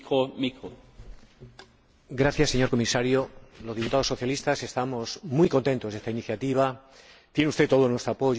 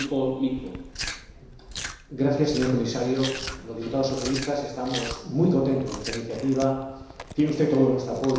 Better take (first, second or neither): first